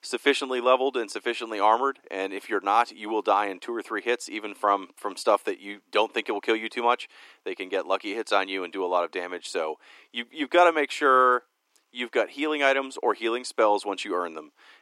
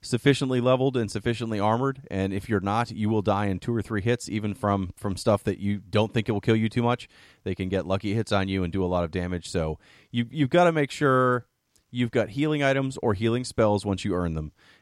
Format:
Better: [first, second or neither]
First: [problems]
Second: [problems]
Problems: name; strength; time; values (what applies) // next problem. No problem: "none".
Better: second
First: thin; very; fading below 300 Hz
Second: none